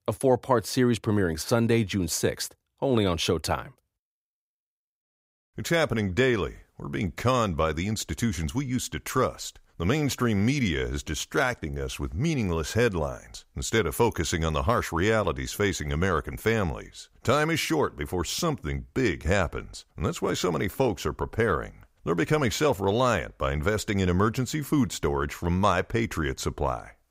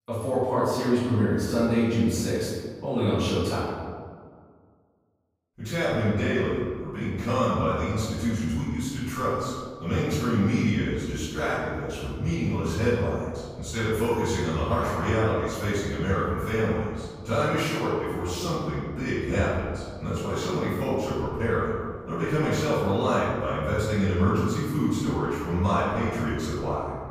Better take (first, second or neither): first